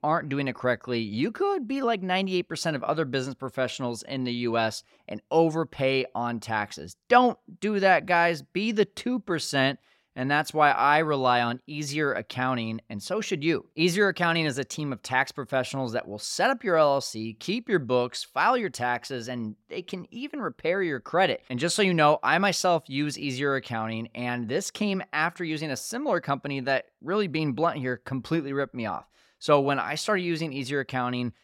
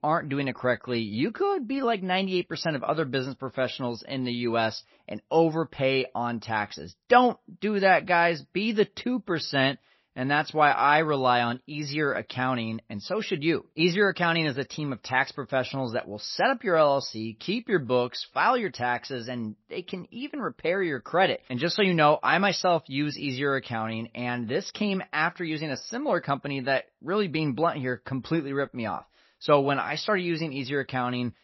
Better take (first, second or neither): first